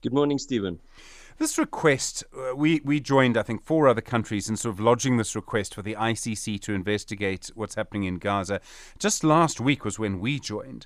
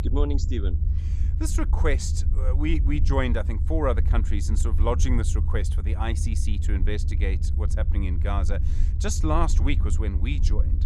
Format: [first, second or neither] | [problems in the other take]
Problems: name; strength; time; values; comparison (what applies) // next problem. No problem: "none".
first | low rumble; noticeable; throughout; 10 dB below the speech